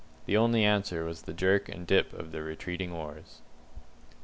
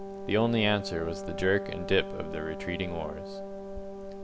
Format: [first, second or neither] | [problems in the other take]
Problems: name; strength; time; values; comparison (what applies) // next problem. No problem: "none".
first | background sound (Wind instrument, woodwind instrument); 8 dB below the speech